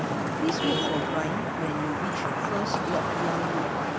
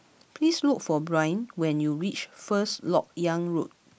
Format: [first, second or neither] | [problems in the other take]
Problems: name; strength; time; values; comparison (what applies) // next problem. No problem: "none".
second | background sound (Traffic noise, roadway noise / Vehicle horn, car horn, honking); 5 dB above the speech